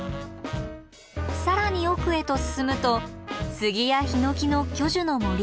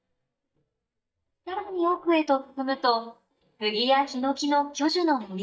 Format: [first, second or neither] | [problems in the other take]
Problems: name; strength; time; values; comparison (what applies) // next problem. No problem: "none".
first | noise reduction (neural mask model DeepFilterNet 3)